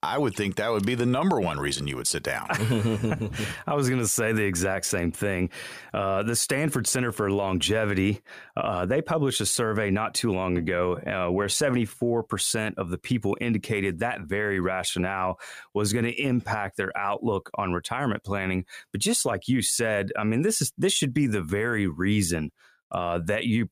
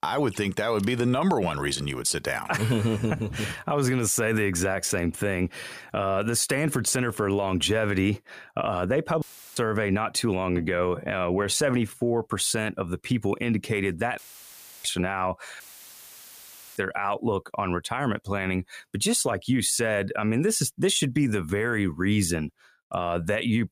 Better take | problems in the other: first | audio cutting out; filled with static; at 9 s, at 14 s for 0.5 s and at 16 s for 1 s

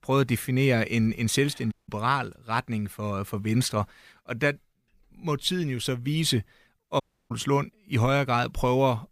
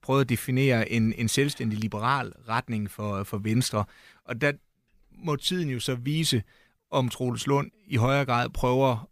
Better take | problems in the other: second | audio cutting out; at 1.5 s and at 7 s

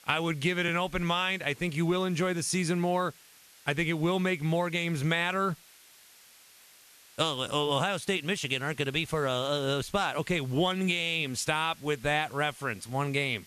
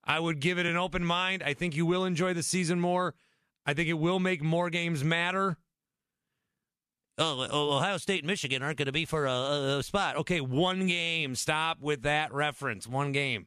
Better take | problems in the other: second | hiss; faint; throughout; 25 dB below the speech

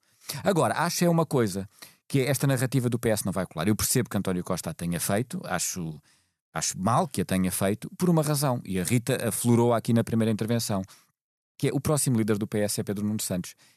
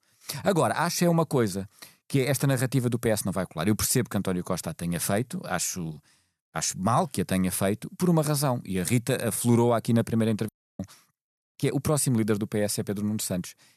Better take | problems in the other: first | audio cutting out; at 10 s

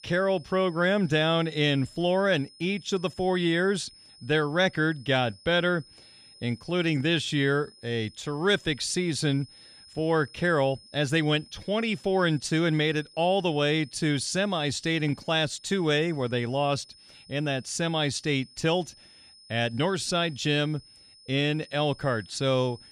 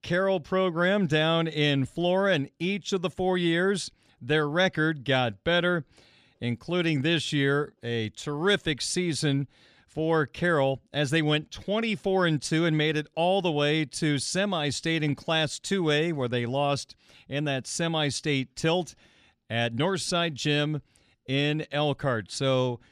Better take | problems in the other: second | high-pitched whine; faint; throughout; 5 kHz, 25 dB below the speech

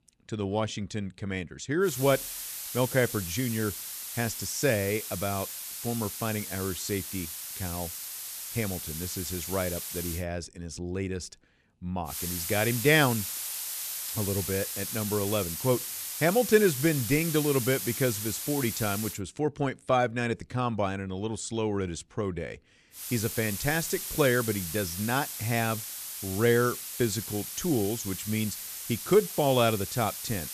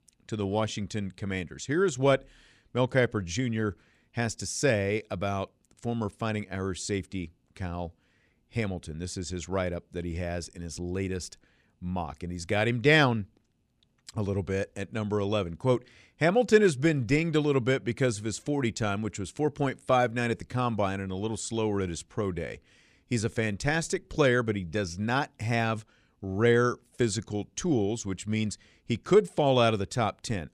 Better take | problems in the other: second | hiss; loud; from 2 to 10 s, from 12 to 19 s and from 23 s on; 5 dB below the speech

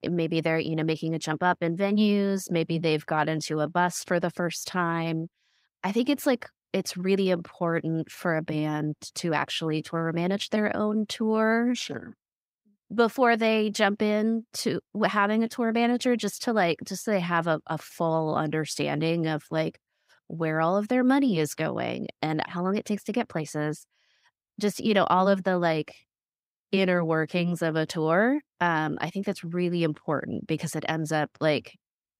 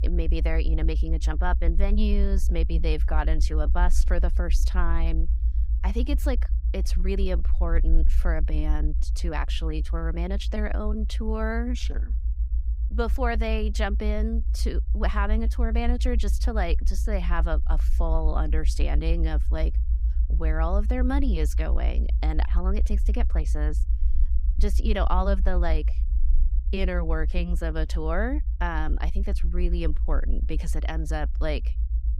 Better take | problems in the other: first | low rumble; noticeable; throughout; 15 dB below the speech

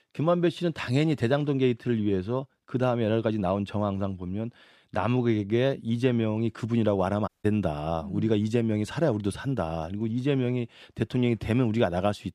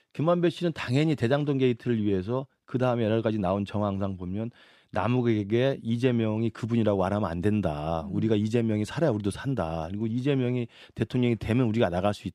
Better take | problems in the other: second | audio cutting out; at 7.5 s

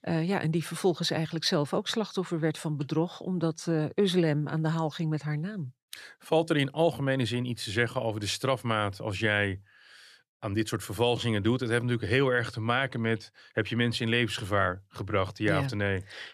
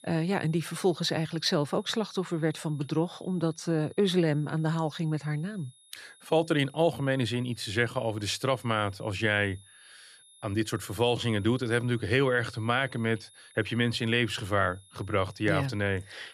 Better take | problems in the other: first | high-pitched whine; faint; throughout; 10.5 kHz, 25 dB below the speech

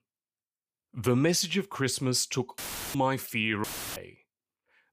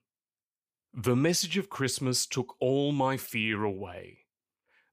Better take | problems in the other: second | audio cutting out; filled with static; at 2.5 s and at 3.5 s

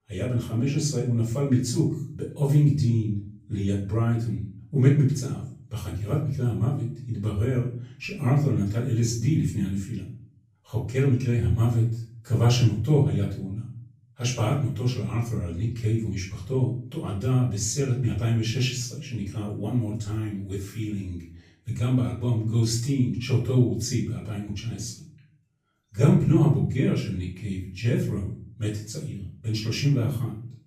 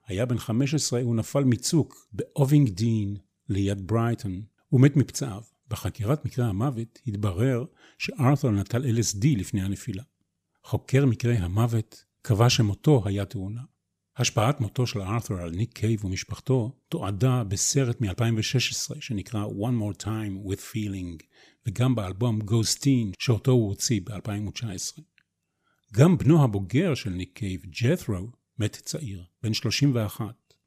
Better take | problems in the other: second | room echo; noticeable; dies away in 0.5 s // off-mic speech; far

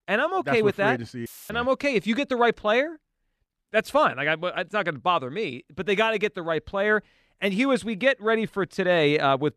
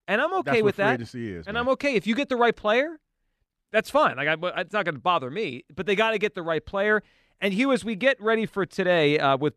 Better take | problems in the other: second | audio cutting out; filled with static; at 1.5 s

